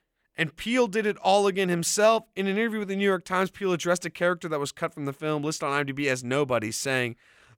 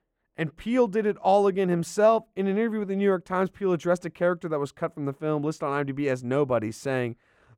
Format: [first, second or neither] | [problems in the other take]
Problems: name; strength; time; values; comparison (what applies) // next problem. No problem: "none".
first | muffled; slightly; fading above 1.5 kHz